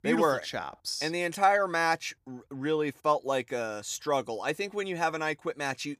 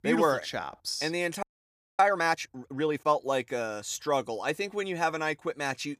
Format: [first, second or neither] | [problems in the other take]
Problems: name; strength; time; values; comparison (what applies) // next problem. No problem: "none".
first | audio freezing; at 1.5 s for 0.5 s